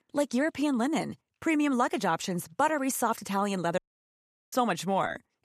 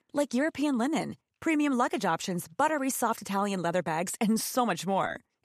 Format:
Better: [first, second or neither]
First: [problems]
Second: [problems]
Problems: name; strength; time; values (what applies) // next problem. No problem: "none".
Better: second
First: audio cutting out; at 4 s for 0.5 s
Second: none